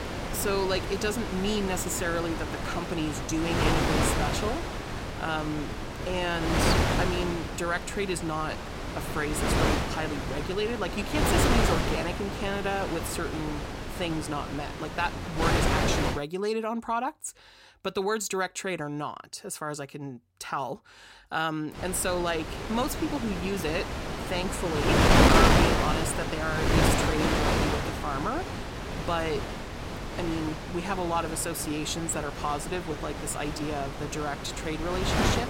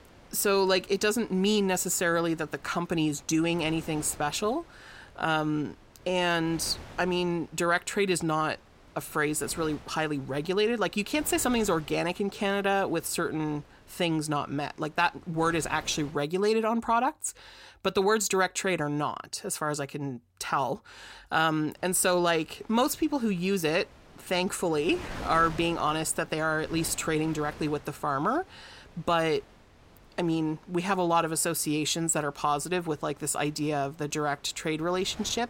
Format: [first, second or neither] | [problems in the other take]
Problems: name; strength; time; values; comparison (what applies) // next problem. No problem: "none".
second | wind noise on the microphone; heavy; until 16 s and from 22 s on; 1 dB above the speech; occasional gusts in the second